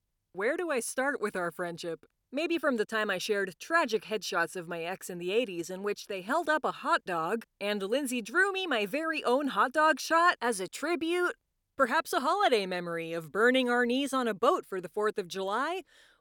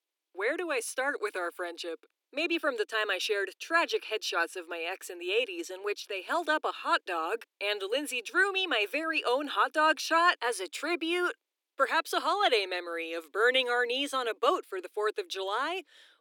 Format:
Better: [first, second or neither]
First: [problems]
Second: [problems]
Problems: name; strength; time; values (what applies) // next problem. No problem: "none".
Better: first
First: none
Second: thin; somewhat; fading below 300 Hz